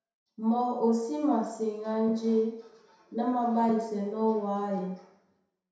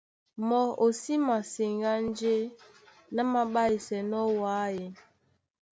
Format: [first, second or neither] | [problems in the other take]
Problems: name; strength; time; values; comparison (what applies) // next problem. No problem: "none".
second | room echo; dies away in 0.7 s